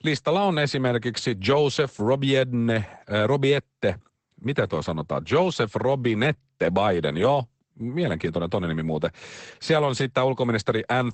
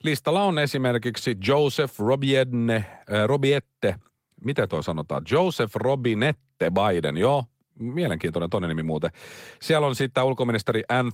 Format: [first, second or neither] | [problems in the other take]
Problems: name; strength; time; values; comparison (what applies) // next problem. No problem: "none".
second | garbled, watery; badly; nothing above 8 kHz; slightly in the second